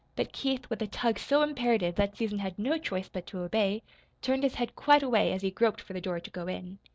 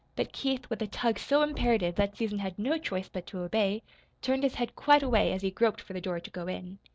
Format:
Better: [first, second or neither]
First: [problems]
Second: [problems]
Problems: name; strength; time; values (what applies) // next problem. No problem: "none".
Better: first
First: none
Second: background sound (Thump, thud); 16 dB below the speech